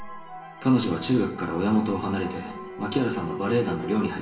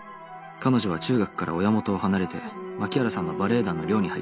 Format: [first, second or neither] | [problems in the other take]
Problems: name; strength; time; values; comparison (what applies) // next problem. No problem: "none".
second | room echo; dies away in 0.9 s